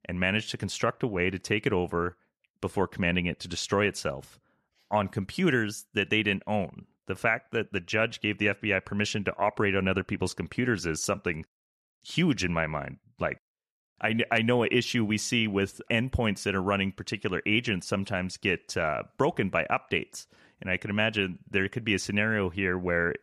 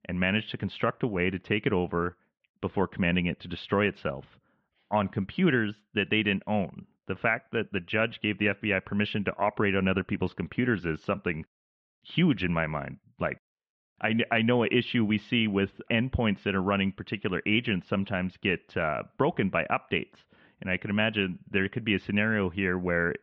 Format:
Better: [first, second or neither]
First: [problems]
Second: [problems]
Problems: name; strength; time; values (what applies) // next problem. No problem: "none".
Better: first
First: none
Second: muffled; very; fading above 3.5 kHz